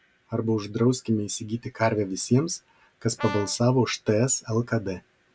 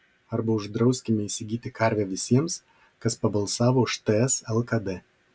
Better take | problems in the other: second | background sound (Brass instrument); 12 dB below the speech

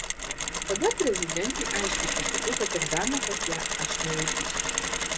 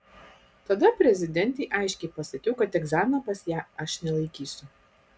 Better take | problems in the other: second | background sound (Mechanisms); 3 dB above the speech

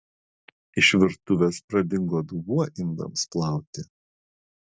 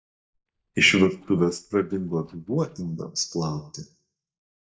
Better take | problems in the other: first | noise reduction (neural mask model DeepFilterNet 3)

